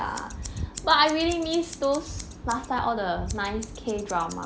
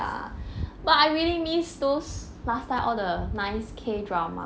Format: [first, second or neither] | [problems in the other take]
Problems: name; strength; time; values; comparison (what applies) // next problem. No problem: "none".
second | background sound (Scissors); 17 dB below the speech